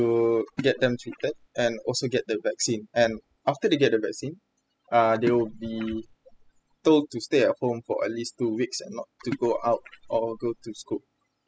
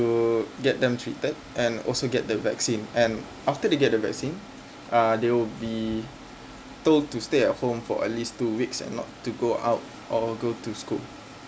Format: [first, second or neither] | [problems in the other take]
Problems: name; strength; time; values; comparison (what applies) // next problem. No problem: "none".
second | noise reduction (classical method spectral subtraction)